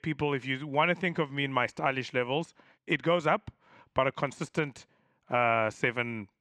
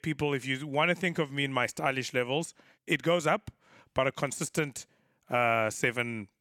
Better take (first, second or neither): second